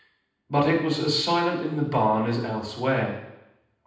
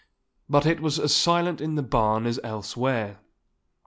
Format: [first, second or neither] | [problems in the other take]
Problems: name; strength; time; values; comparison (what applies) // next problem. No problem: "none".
second | room echo; dies away in 0.9 s